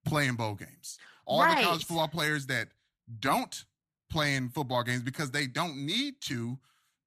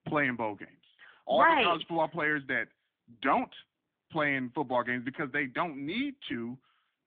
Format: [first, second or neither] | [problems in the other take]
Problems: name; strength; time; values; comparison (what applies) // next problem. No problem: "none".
first | phone-call audio; nothing above 3.5 kHz